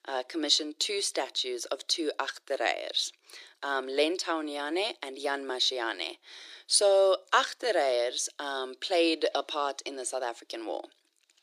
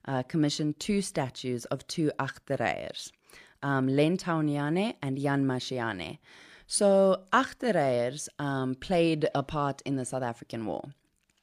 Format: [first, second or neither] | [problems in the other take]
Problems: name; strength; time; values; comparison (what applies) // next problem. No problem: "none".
second | thin; very; fading below 350 Hz